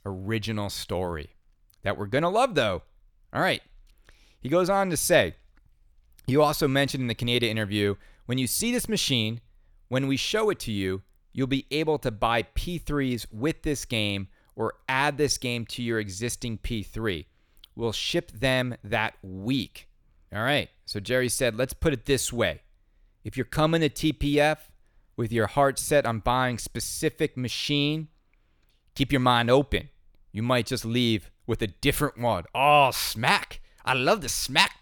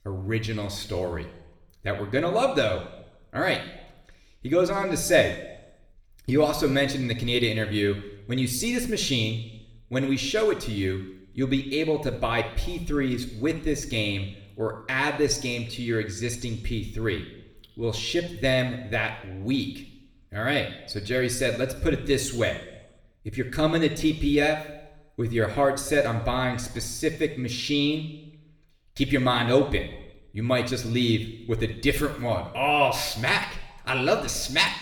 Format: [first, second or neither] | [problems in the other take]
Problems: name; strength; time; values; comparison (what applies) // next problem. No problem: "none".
first | room echo; slight; dies away in 0.8 s // off-mic speech; somewhat distant